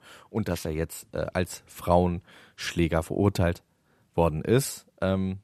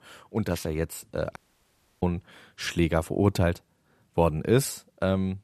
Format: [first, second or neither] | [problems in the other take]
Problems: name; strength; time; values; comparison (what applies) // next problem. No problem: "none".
first | audio cutting out; at 1.5 s for 0.5 s